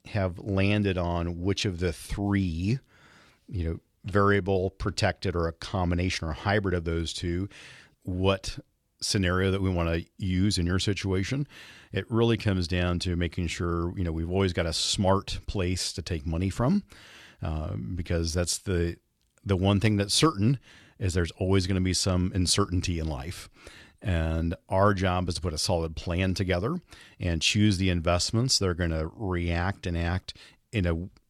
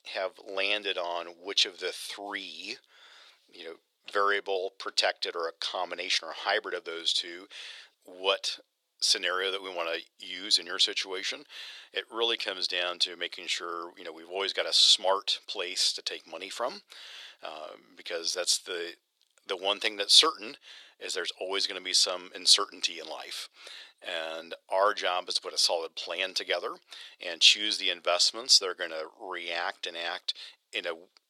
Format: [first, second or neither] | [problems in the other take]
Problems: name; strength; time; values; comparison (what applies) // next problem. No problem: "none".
first | thin; very; fading below 450 Hz